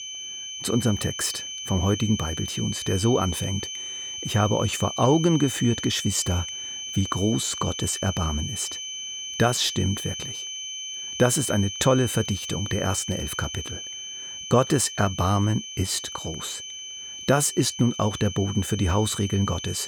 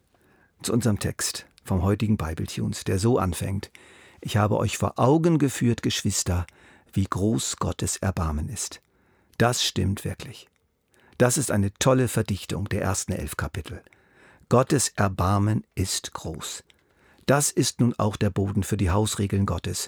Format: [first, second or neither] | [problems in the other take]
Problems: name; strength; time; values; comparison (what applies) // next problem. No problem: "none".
second | high-pitched whine; loud; throughout; 3 kHz, 7 dB below the speech